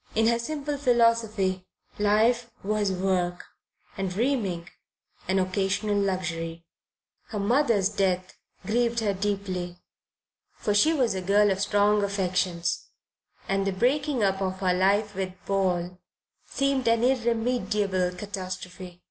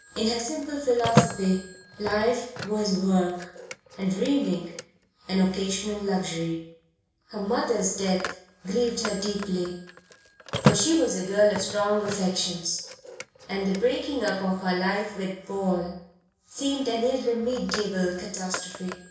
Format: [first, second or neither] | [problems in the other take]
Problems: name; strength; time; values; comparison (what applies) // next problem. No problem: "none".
first | background sound (Telephone); 8 dB below the speech // room echo; dies away in 0.6 s